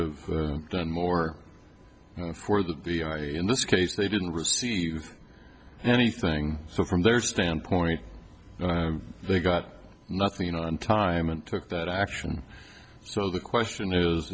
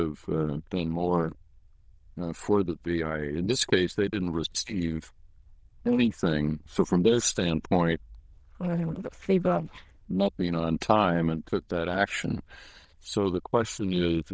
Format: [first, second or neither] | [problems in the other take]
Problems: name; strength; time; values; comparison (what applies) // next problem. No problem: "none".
first | noise reduction (neural diffusion model UNIVERSE++)